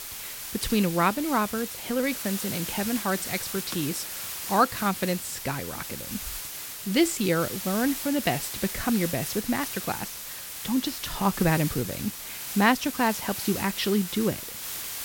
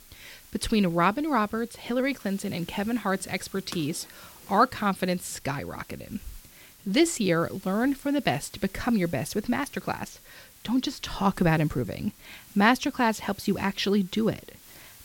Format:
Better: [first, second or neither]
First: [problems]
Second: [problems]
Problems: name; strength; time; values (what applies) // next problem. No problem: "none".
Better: second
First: hiss; loud; throughout; 6 dB below the speech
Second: hiss; faint; throughout; 20 dB below the speech